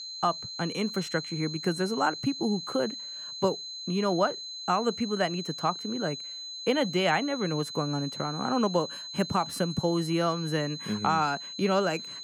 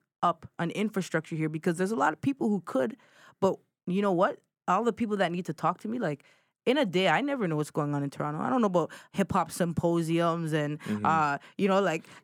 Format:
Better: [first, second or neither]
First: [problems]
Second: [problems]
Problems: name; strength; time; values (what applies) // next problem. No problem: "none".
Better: second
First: high-pitched whine; loud; throughout; 4 kHz, 7 dB below the speech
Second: none